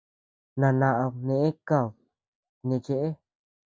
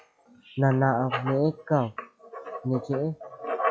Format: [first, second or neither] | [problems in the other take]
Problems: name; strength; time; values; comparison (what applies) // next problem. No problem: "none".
first | noise reduction (classical method log-MMSE)